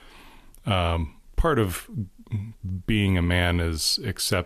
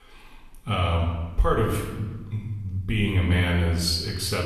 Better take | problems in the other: first | off-mic speech; far // room echo; noticeable; dies away in 1 s

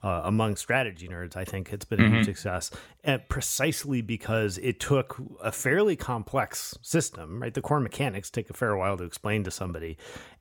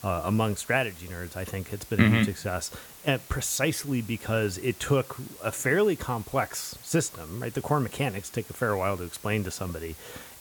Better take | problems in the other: first | hiss; noticeable; throughout; 15 dB below the speech

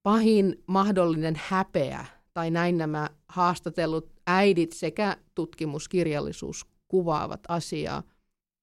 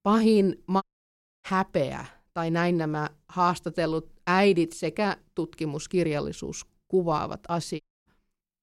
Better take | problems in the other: first | audio cutting out; at 1 s for 0.5 s and at 8 s

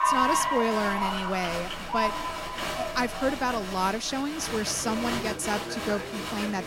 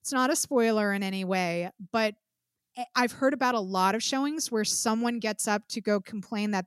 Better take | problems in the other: second | crowd noise; loud; throughout; 2 dB below the speech

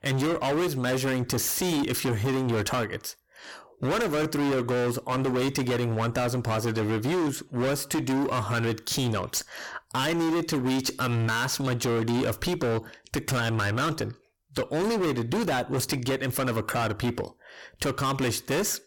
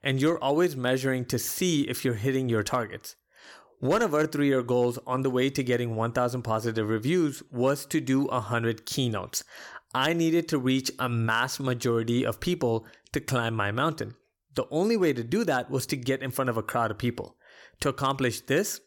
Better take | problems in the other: second | distortion; heavy; 30% of the sound clipped

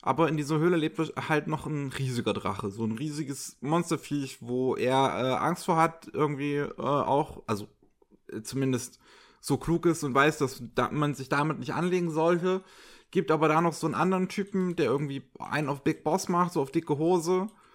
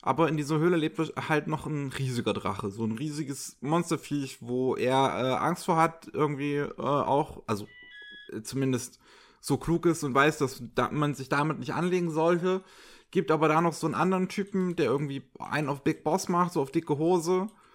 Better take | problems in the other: first | alarm; faint; at 7.5 s; peak 15 dB below the speech

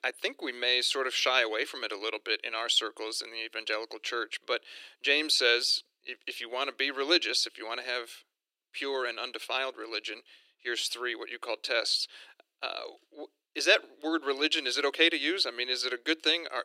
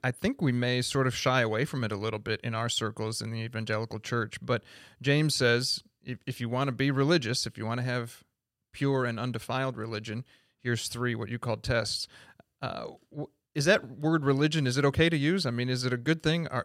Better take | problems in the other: second | thin; very; fading below 300 Hz

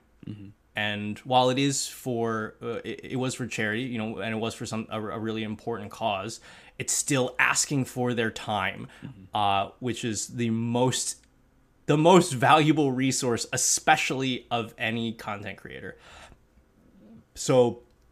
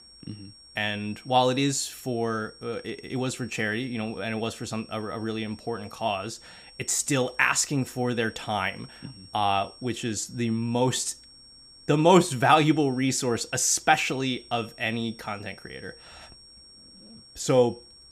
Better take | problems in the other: first | high-pitched whine; faint; throughout; 5.5 kHz, 20 dB below the speech

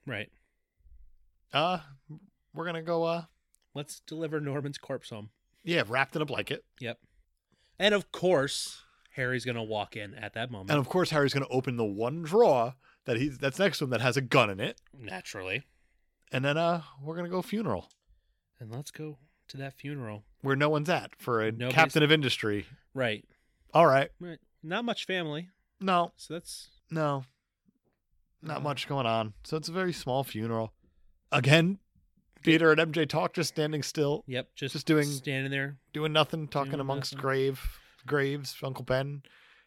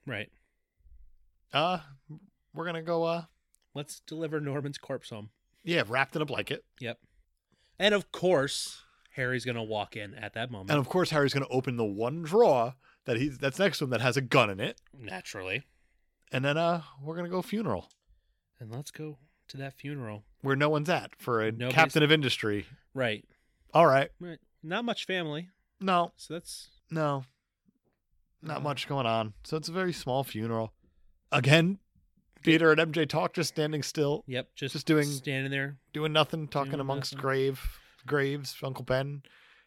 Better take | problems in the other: neither | none

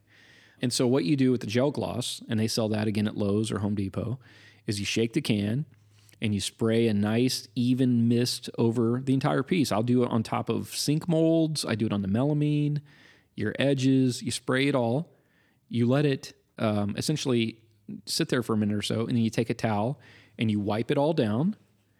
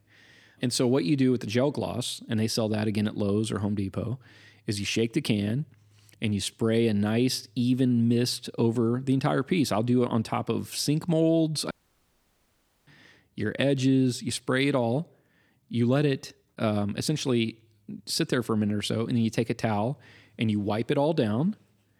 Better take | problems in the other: first | audio cutting out; at 12 s for 1 s

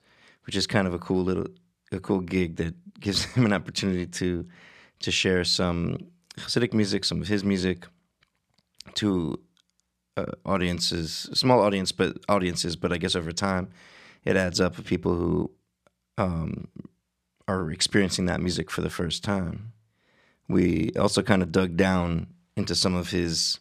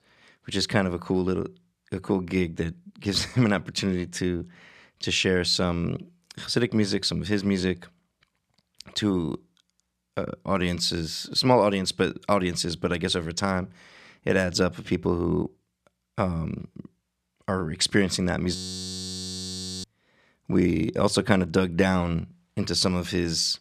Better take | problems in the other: first | audio freezing; at 19 s for 1.5 s

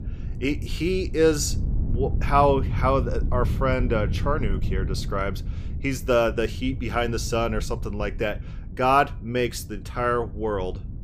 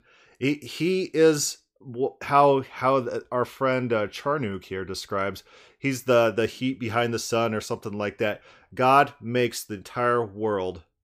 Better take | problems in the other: second | wind noise on the microphone; occasional gusts; 20 dB below the speech

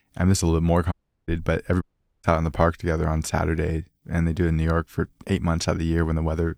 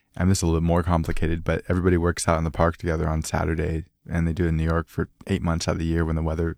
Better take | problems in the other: second | audio cutting out; at 1 s and at 2 s

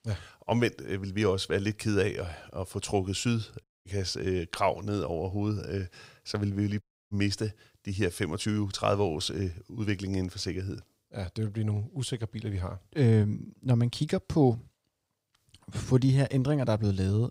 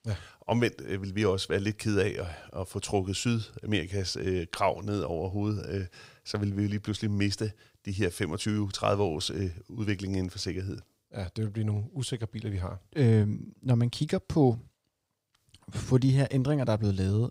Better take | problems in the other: second | audio cutting out; at 3.5 s and at 7 s

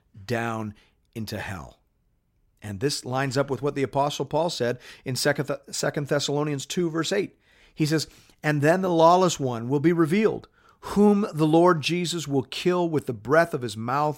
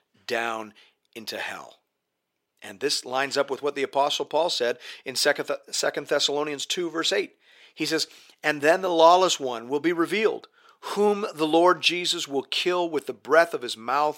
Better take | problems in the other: first | thin; somewhat; fading below 450 Hz

